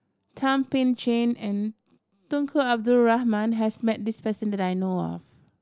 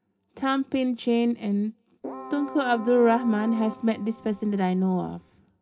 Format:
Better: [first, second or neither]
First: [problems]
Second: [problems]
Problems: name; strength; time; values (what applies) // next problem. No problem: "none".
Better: first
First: none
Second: background sound (Keyboard (musical)); 14 dB below the speech // room echo; dies away in 0.3 s